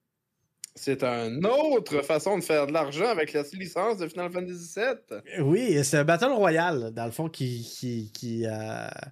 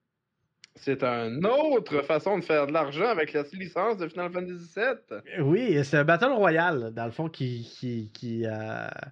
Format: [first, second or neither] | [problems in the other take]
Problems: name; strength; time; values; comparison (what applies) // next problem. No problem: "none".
first | muffled; slightly; fading above 4 kHz